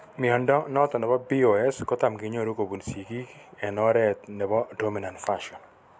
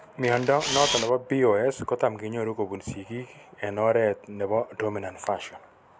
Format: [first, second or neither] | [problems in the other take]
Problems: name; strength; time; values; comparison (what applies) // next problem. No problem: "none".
first | background sound (Camera); 3 dB below the speech